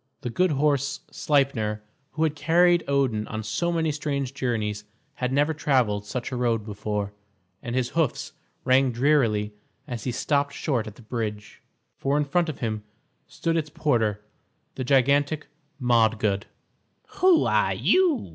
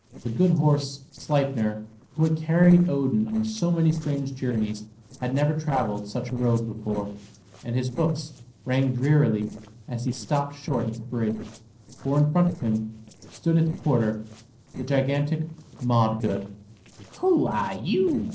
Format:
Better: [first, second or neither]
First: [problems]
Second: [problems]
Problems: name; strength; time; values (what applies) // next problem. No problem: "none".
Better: first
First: none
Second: noise reduction (neural separator model SepFormer DNS4)